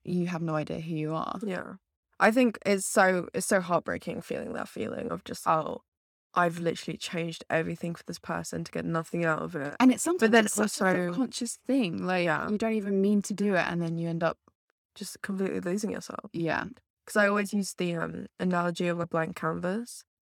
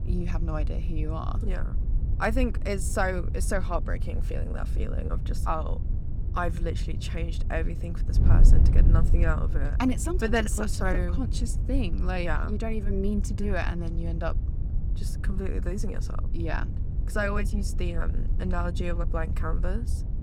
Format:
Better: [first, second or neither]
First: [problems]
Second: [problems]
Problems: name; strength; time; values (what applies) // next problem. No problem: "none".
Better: first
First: none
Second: wind noise on the microphone; occasional gusts; 10 dB below the speech